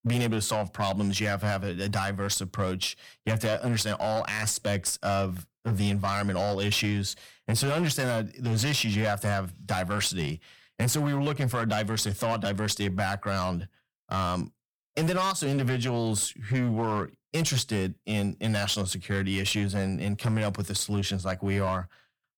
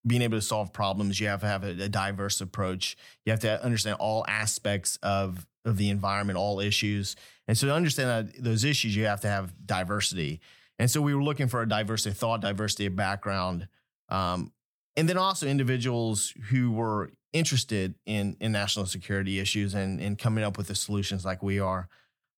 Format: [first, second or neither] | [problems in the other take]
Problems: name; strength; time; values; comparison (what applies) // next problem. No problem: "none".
second | distortion; slight; 10% of the sound clipped